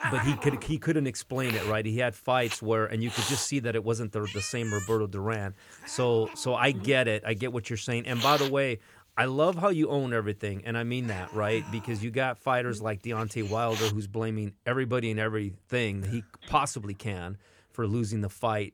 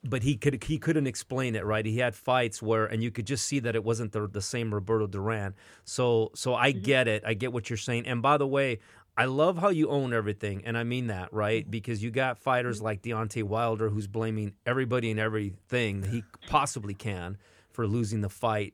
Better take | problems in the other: second | hiss; loud; until 14 s; 7 dB below the speech

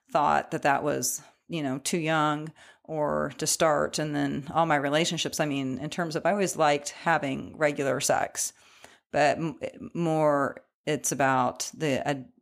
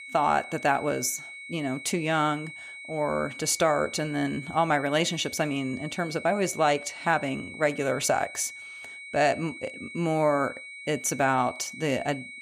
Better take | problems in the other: first | high-pitched whine; noticeable; throughout; 2 kHz, 15 dB below the speech

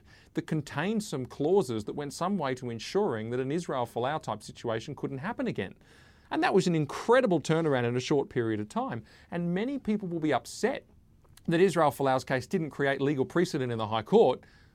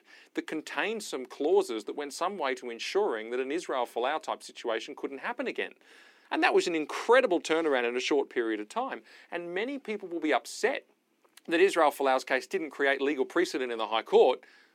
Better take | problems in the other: first | thin; somewhat; fading below 300 Hz

